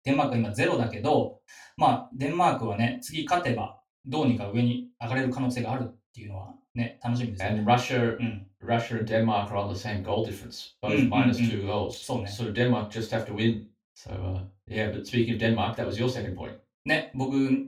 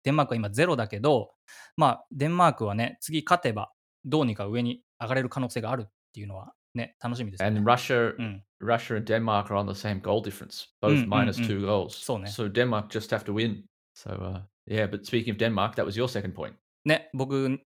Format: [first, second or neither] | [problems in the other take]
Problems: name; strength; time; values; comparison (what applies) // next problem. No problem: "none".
second | room echo; slight; dies away in 0.2 s // off-mic speech; far